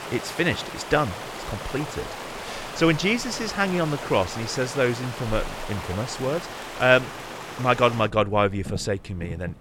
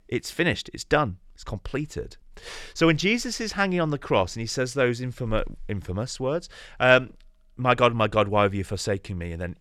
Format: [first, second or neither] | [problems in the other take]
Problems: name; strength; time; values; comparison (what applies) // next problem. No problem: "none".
second | rain or running water; loud; throughout; 10 dB below the speech